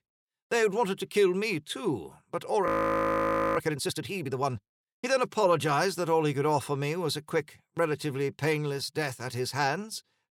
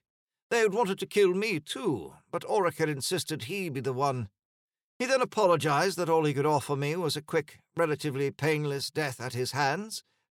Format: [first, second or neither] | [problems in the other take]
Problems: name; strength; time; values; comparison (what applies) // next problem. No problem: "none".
second | audio freezing; at 2.5 s for 1 s